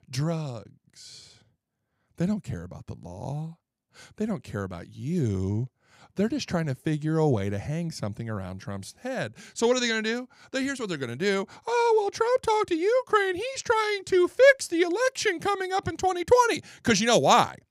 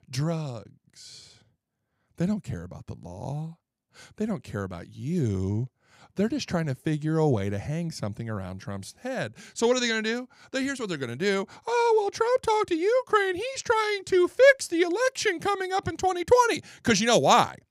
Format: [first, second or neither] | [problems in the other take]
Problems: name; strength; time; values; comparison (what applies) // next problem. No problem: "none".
neither | none